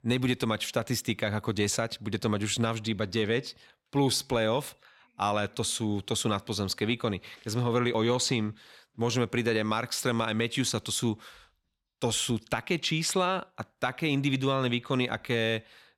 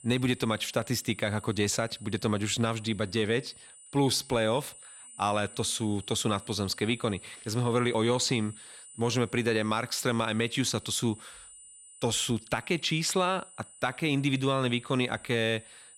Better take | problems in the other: first | high-pitched whine; noticeable; throughout; 9 kHz, 20 dB below the speech

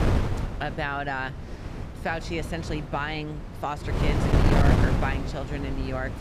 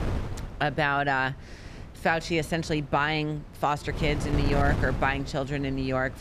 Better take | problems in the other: second | wind noise on the microphone; heavy; 2 dB below the speech; occasional gusts in the second

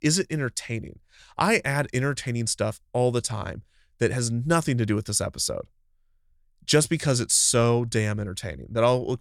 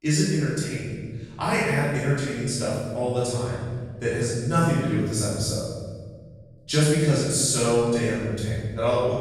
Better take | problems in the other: first | room echo; strong; dies away in 1.6 s // off-mic speech; far

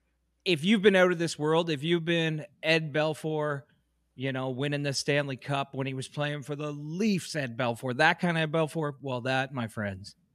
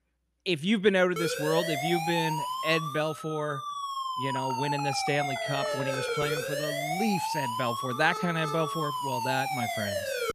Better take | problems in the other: first | siren; loud; from 1 s on; peak 1 dB above the speech

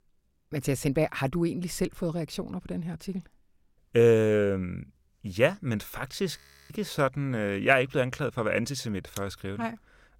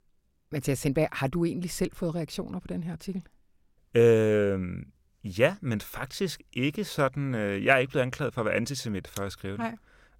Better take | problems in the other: second | audio freezing; at 6.5 s

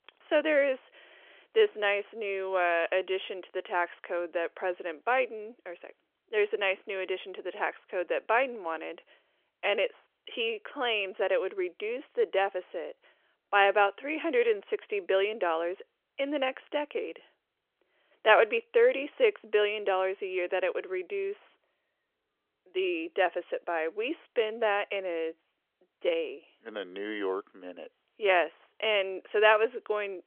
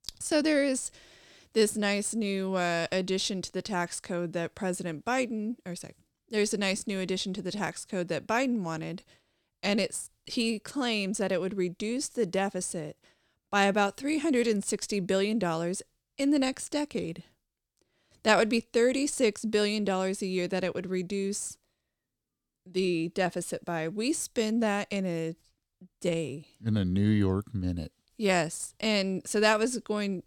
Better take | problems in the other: second | phone-call audio; nothing above 3 kHz

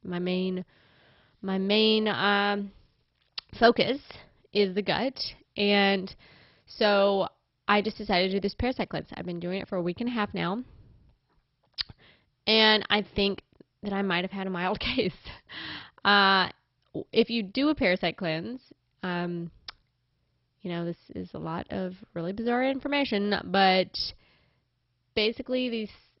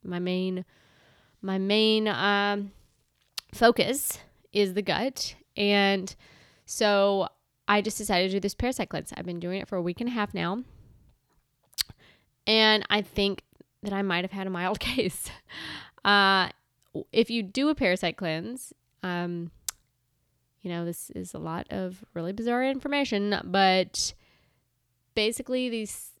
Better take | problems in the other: second | garbled, watery; badly; nothing above 5.5 kHz

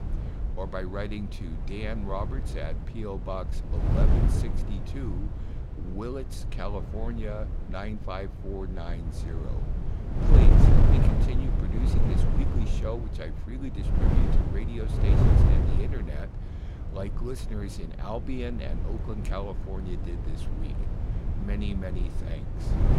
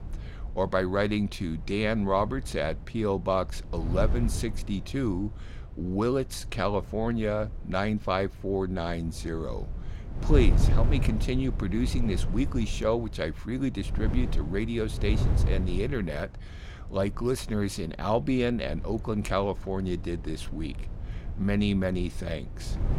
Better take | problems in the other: second | wind noise on the microphone; heavy; as loud as the speech; occasional gusts in the second

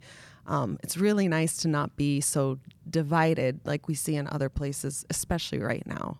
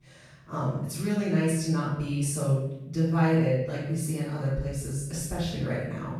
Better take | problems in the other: first | room echo; strong; dies away in 0.8 s // off-mic speech; far

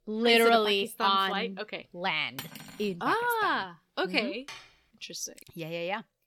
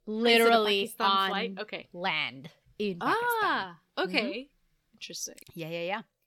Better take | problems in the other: second | clattering dishes; faint; at 2.5 s and at 4.5 s; peak 15 dB below the speech

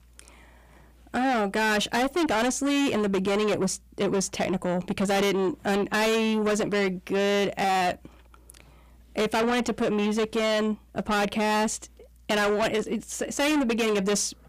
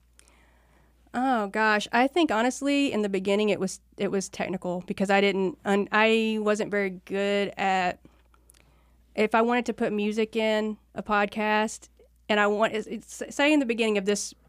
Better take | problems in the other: second | distortion; heavy; 6 dB below the speech

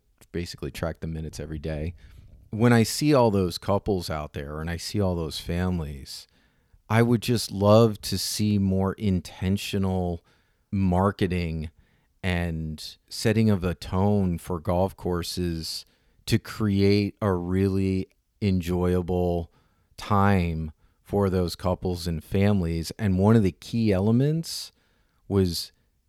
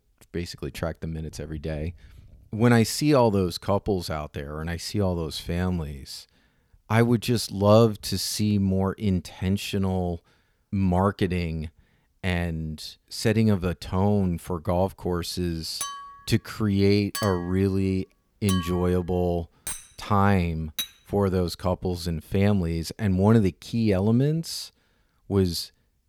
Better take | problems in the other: first | clattering dishes; noticeable; from 16 to 21 s; peak 7 dB below the speech

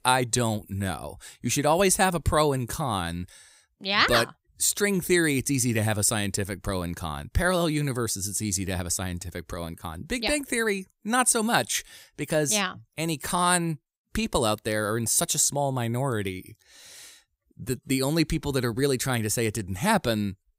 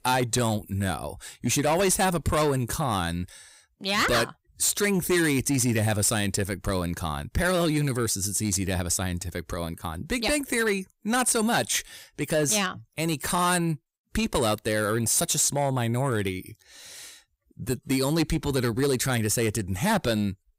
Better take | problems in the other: first | distortion; slight; 10 dB below the speech

